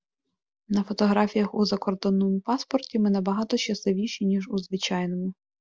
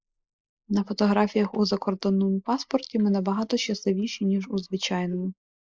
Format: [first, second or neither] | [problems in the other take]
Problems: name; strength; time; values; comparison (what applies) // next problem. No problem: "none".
first | noise reduction (neural mask model Resemble Enhance denoiser)